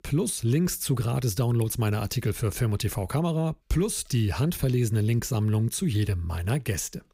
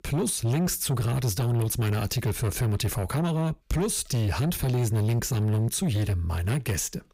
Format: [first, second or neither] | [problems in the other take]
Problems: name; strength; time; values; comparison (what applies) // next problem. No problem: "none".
first | distortion; slight; 10 dB below the speech